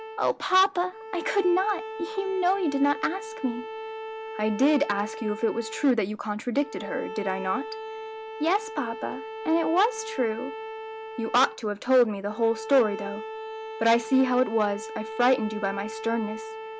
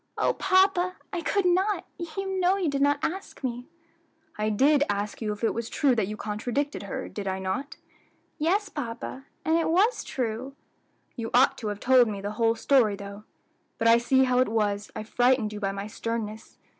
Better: second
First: background sound (Bowed string instrument); 10 dB below the speech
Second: none

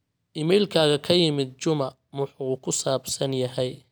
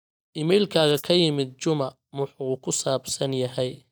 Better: first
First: none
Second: noise reduction (neural mask model DeepFilterNet 3)

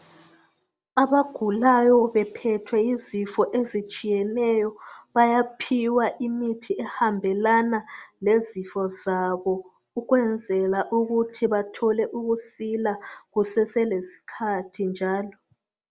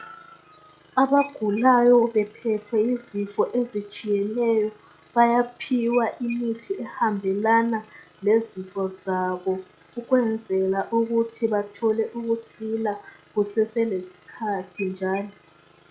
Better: first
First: none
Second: noise reduction (classical method log-MMSE)

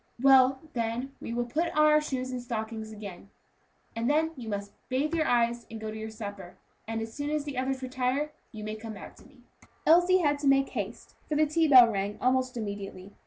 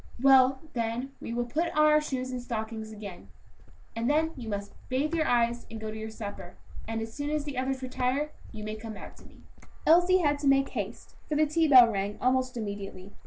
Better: first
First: none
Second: background sound (Cricket); 9 dB below the speech

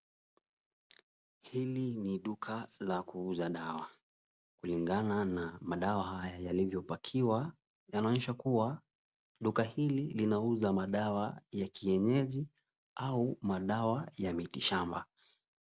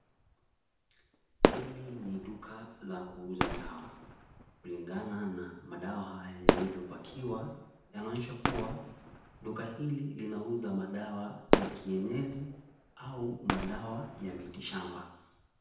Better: first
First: none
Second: background sound (Fireworks); 3 dB above the speech // room echo; dies away in 0.9 s

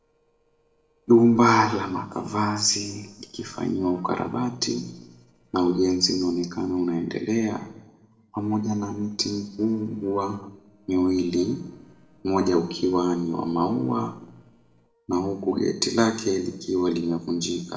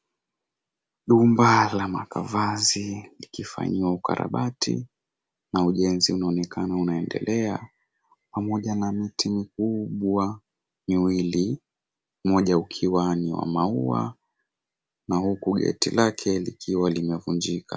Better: second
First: noise reduction (neural separator model SepFormer DNS4)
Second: none

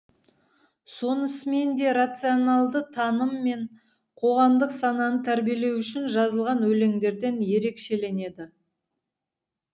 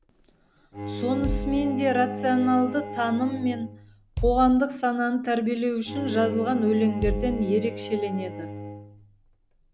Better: first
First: none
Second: background sound (Bowed string instrument + Bass drum); 8 dB below the speech

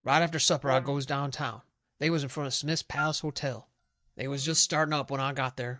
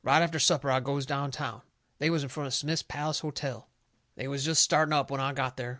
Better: second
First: noise reduction (neural mask model DeepFilterNet 3)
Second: none

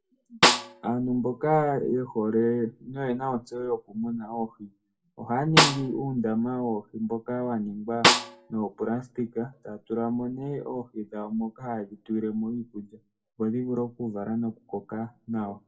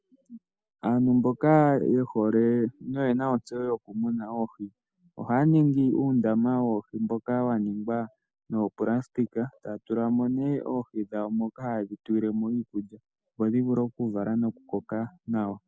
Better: second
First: background sound (Snare drum); 5 dB above the speech // room echo; dies away in 0.2 s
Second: none

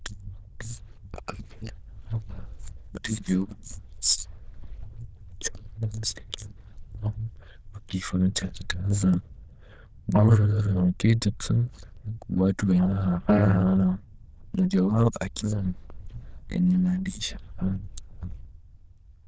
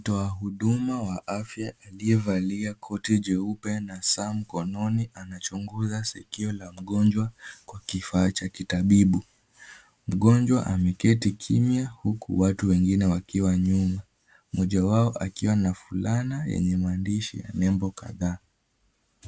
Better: second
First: noise reduction (neural diffusion model UNIVERSE++)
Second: none

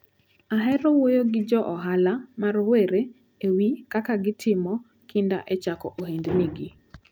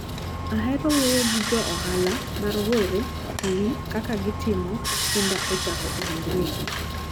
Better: first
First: none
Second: background sound (Sawing); 1 dB below the speech

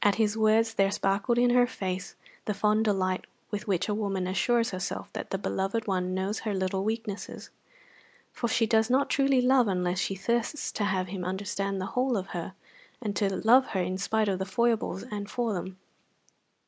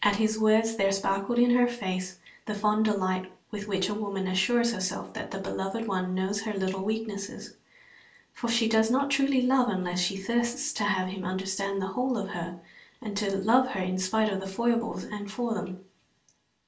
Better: first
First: none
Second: room echo; dies away in 0.3 s

